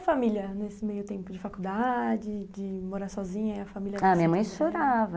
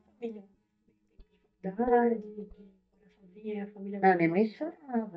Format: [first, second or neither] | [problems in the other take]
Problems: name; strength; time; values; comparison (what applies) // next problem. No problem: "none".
first | noise reduction (neural mask model DeepFilterNet 3)